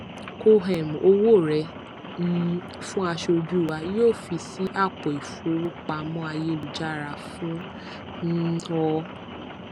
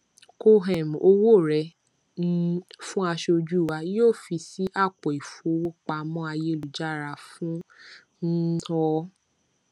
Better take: second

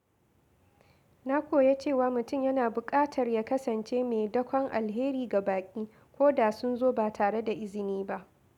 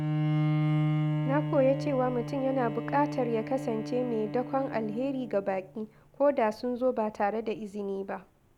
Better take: first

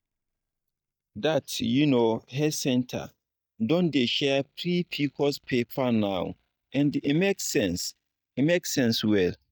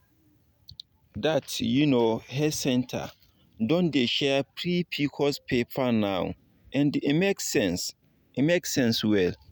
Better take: second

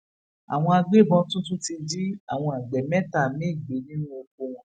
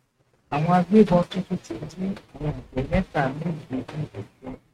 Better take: first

